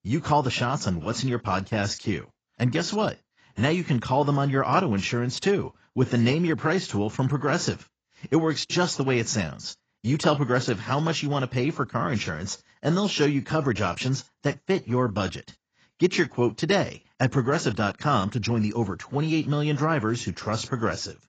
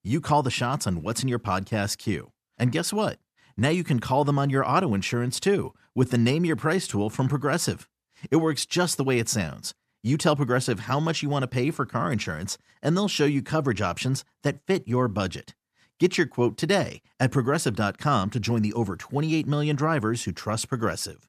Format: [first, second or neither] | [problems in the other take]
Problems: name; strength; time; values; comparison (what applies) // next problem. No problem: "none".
second | garbled, watery; badly; nothing above 7.5 kHz